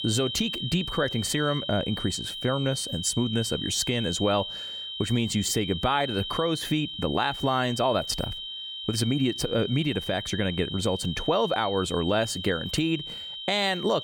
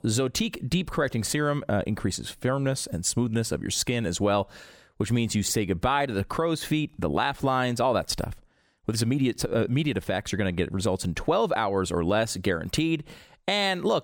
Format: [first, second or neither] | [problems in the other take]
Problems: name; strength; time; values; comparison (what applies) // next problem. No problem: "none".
second | high-pitched whine; loud; throughout; 3 kHz, 6 dB below the speech